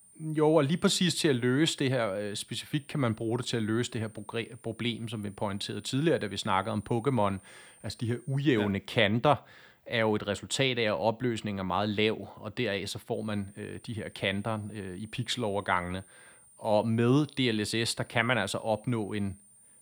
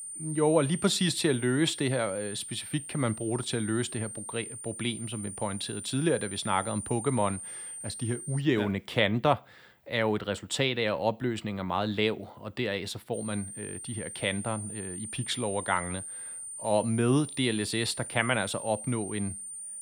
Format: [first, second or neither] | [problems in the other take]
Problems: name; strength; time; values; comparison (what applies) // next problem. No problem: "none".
first | high-pitched whine; loud; until 8.5 s and from 13 s on; 9 kHz, 8 dB below the speech; faint in the first